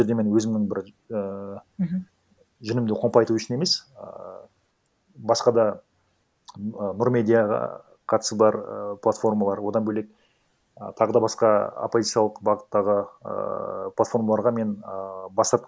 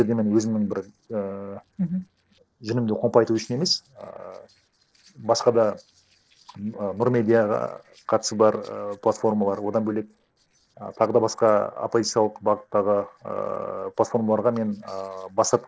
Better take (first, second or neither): first